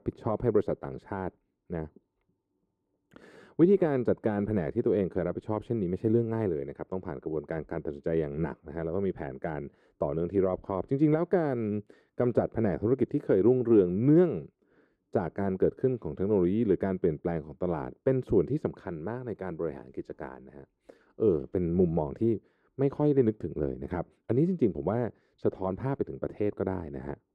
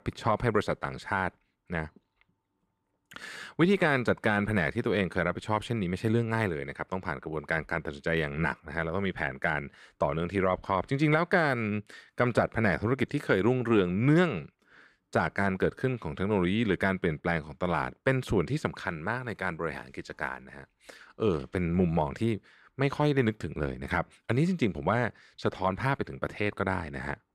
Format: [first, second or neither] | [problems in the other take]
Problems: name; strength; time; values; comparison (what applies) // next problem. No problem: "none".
second | muffled; slightly; fading above 1 kHz